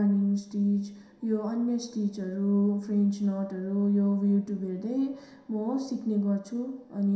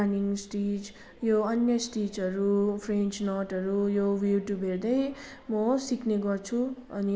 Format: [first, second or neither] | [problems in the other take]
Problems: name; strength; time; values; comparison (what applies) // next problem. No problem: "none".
second | room echo; dies away in 0.7 s